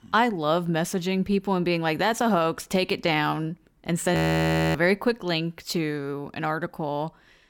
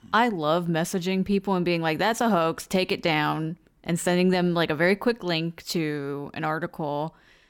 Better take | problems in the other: second | audio freezing; at 4 s for 0.5 s

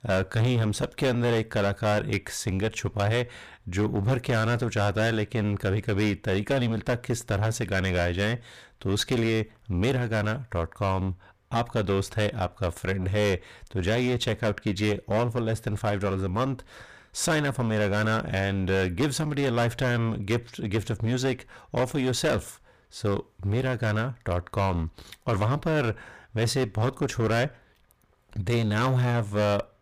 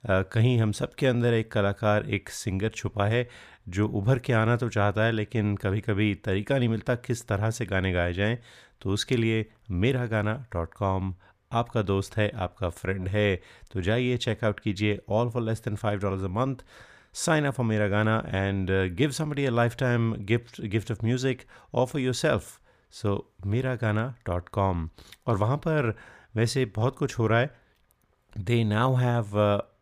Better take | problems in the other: second | distortion; heavy; 14% of the sound clipped

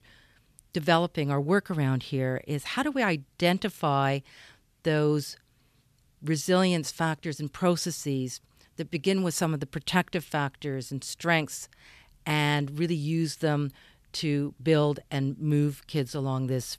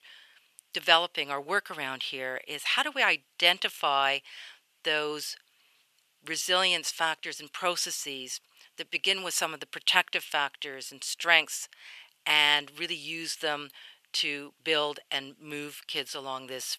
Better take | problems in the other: first | thin; very; fading below 750 Hz

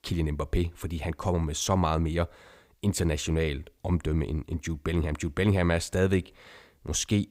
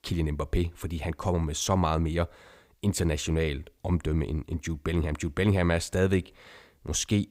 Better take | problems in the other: neither | none

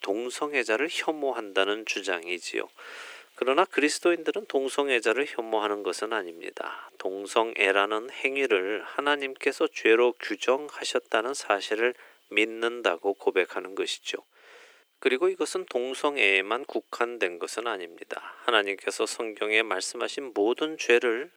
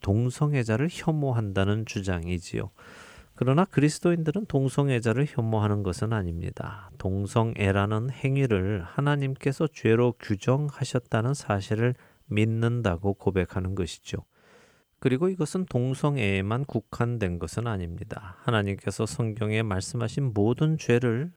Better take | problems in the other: second | thin; very; fading below 350 Hz

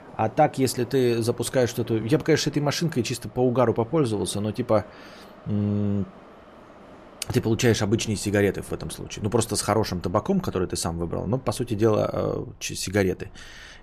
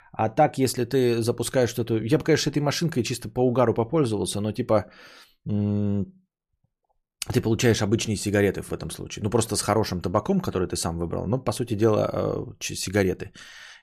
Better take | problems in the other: second | train or aircraft noise; faint; throughout; 25 dB below the speech

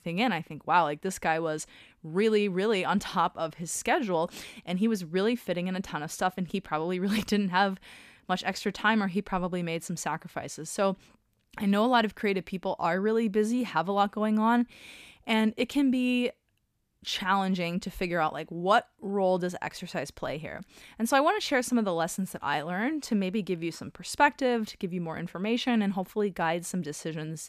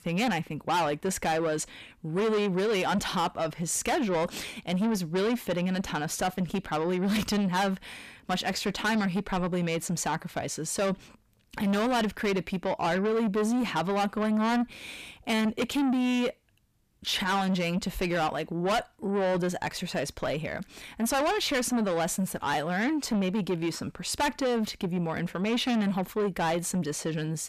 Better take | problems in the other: first | distortion; heavy; 7 dB below the speech

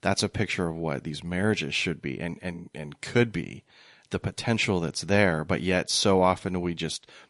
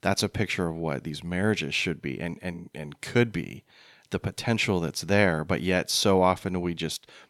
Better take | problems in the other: second | garbled, watery; slightly; nothing above 11 kHz

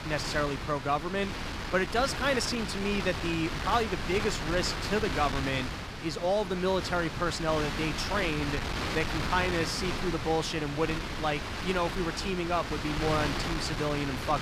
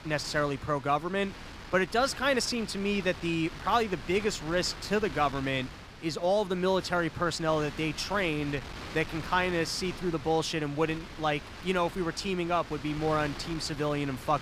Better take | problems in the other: second | wind noise on the microphone; heavy; 4 dB below the speech; occasional gusts in the second

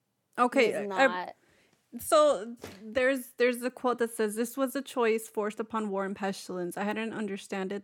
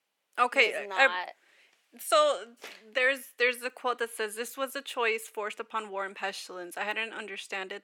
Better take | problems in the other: first | thin; somewhat; fading below 500 Hz

